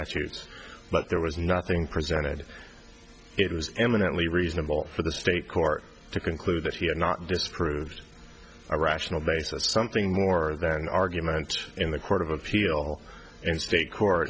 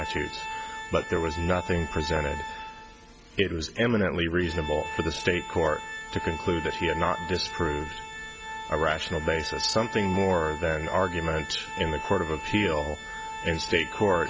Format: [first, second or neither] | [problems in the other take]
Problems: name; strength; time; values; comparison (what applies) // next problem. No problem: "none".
first | background sound (Organ); 9 dB below the speech